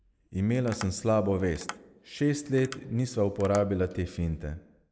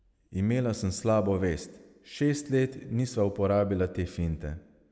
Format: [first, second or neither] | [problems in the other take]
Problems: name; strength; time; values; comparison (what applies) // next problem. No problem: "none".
second | noise reduction (neural mask model Resemble Enhance denoiser)